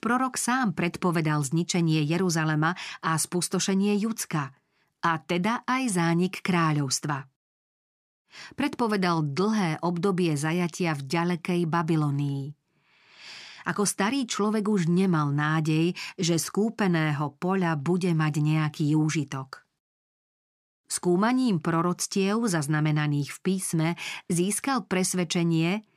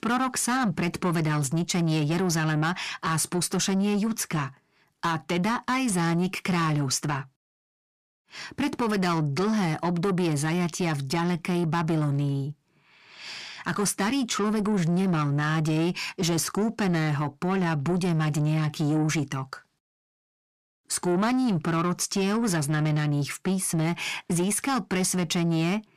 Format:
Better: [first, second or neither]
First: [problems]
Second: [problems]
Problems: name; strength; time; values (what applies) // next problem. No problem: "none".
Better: first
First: none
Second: distortion; slight; 10 dB below the speech